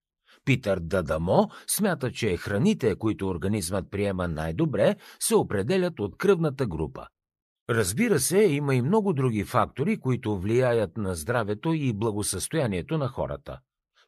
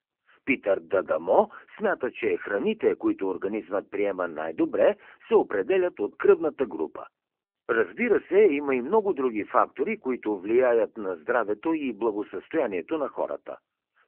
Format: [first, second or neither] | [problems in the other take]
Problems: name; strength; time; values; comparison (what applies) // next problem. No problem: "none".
first | phone-call audio